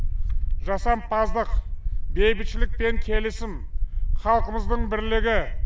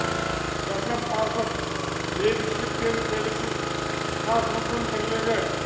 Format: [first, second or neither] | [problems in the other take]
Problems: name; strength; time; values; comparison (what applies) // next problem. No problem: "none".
first | background sound (Engine starting); 1 dB above the speech // room echo; dies away in 1 s